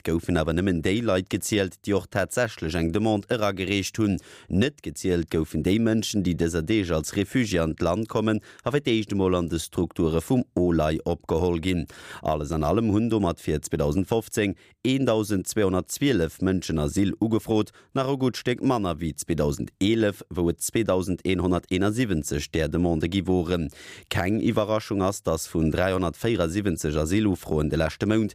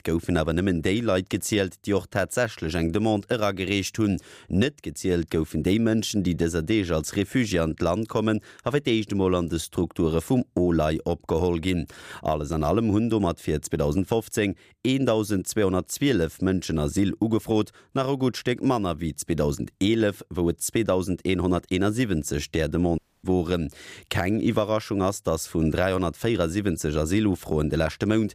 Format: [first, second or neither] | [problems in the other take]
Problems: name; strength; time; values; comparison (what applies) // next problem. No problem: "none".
first | audio cutting out; at 23 s